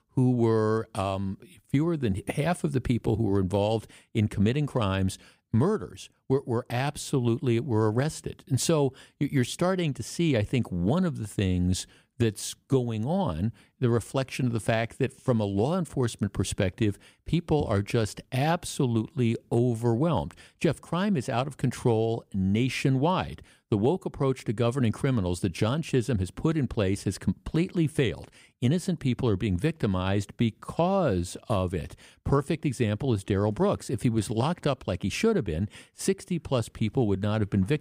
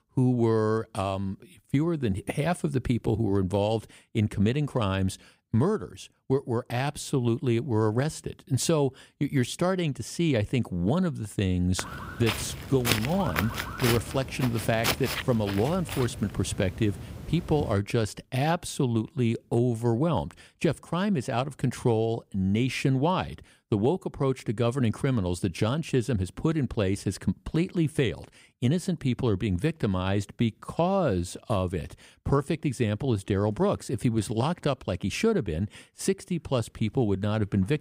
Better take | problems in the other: first | footsteps; loud; from 12 to 18 s; peak level with the speech

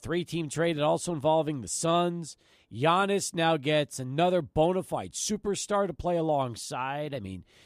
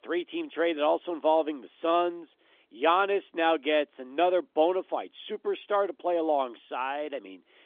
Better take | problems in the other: first | phone-call audio; nothing above 3.5 kHz

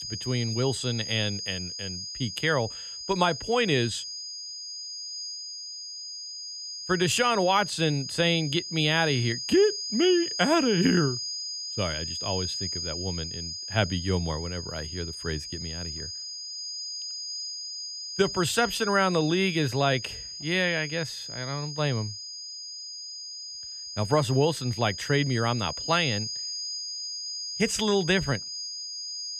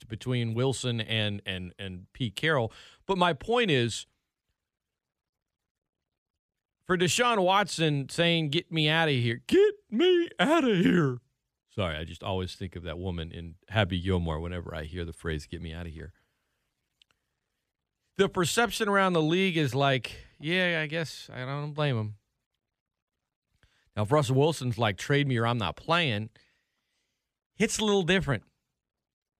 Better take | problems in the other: second | high-pitched whine; loud; throughout; 5 kHz, 7 dB below the speech

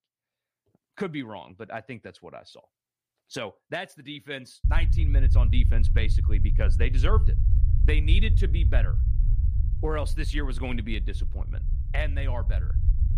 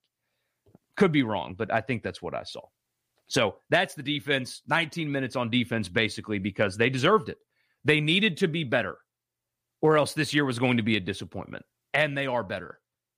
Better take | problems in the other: second | low rumble; loud; from 4.5 s on; 9 dB below the speech

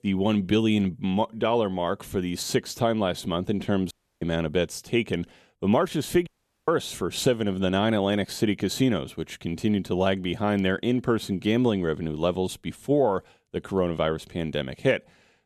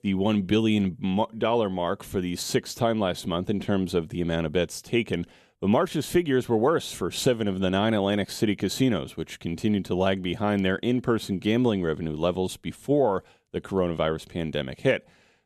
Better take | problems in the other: second | audio cutting out; at 4 s and at 6.5 s

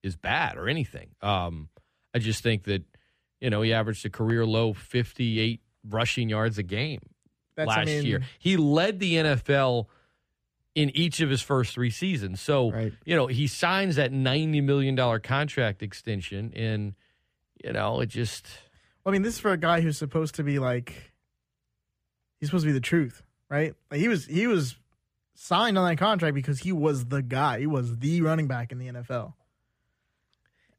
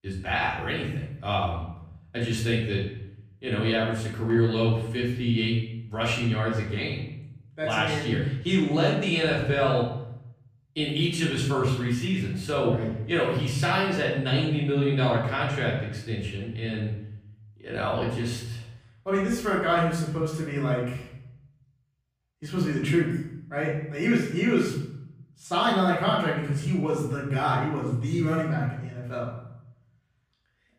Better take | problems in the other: first | off-mic speech; far // room echo; noticeable; dies away in 0.7 s

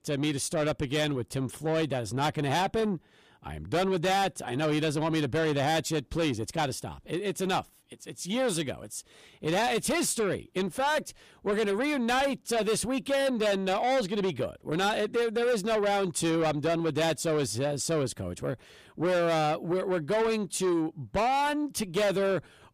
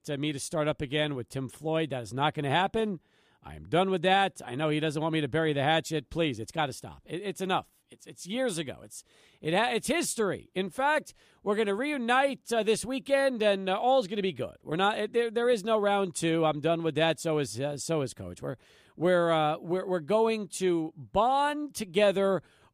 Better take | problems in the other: second | distortion; heavy; 8 dB below the speech

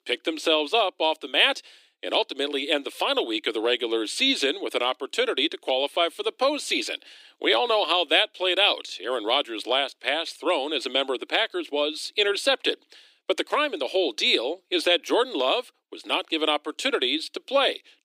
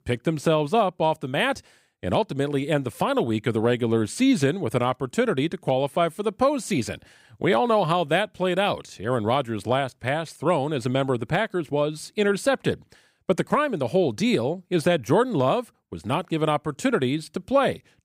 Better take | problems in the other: second | thin; somewhat; fading below 300 Hz

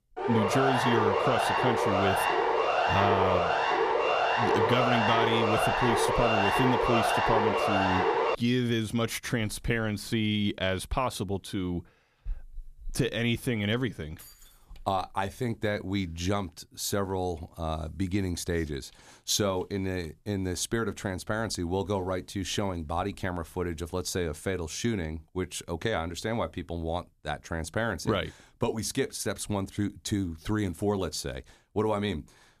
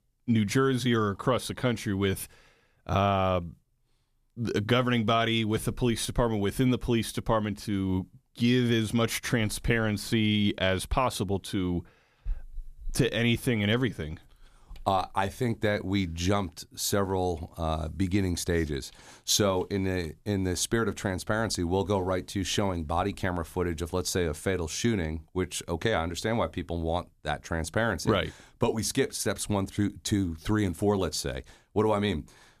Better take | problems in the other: second | siren; loud; until 8.5 s; peak 6 dB above the speech // jangling keys; faint; at 14 s; peak 20 dB below the speech

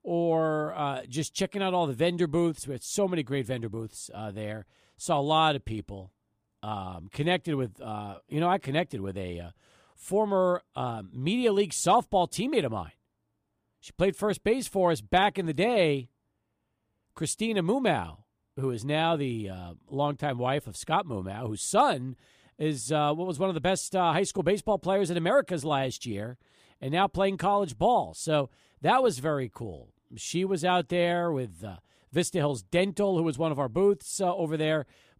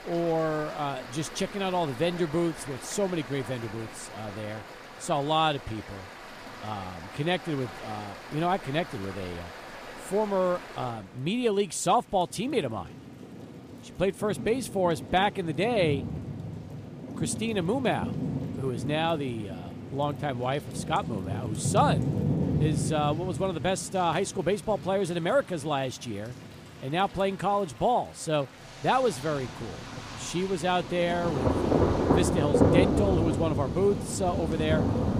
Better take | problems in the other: first | rain or running water; loud; throughout; 4 dB below the speech

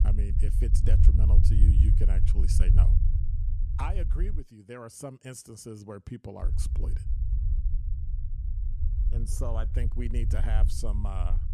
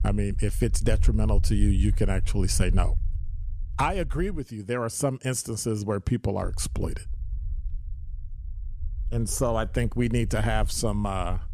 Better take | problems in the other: second | low rumble; loud; until 4.5 s and from 6.5 s on; 3 dB below the speech; faint in the second

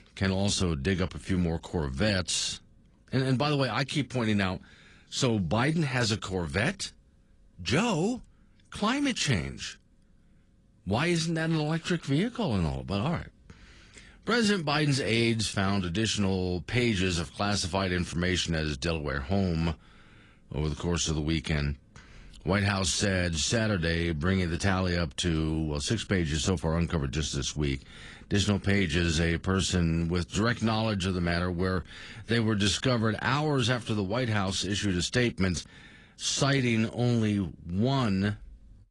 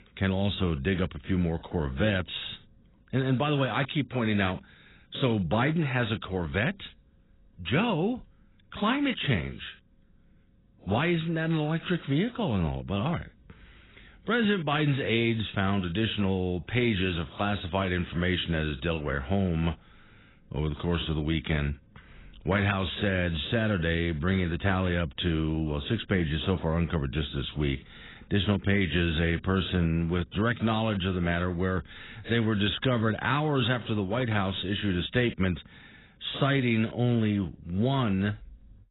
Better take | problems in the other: first | garbled, watery; badly; nothing above 4 kHz; slightly in the first

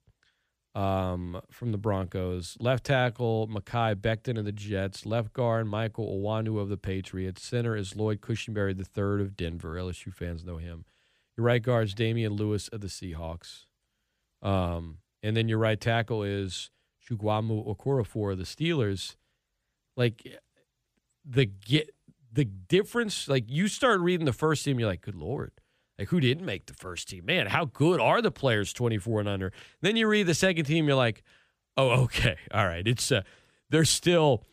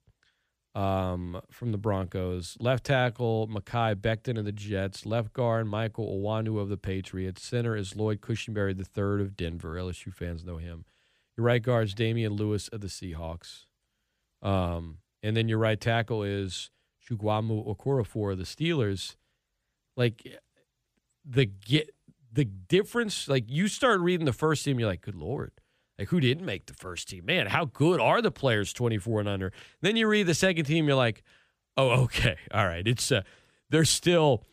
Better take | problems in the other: neither | none

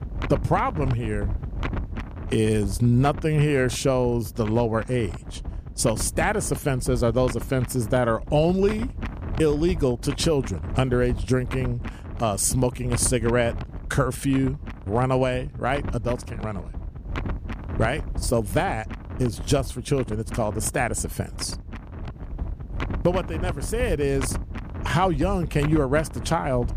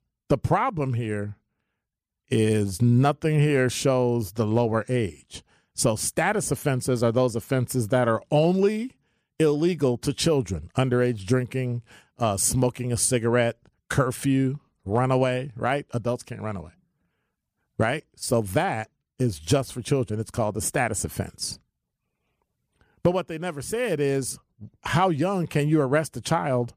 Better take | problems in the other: second | wind noise on the microphone; occasional gusts; 15 dB below the speech

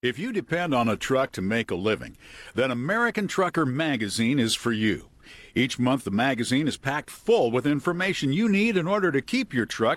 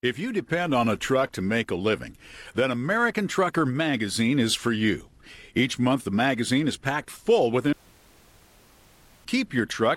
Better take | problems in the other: first | audio cutting out; at 7.5 s for 1.5 s

